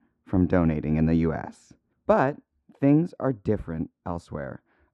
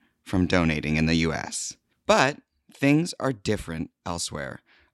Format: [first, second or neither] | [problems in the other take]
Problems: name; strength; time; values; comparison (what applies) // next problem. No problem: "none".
second | muffled; very; fading above 2 kHz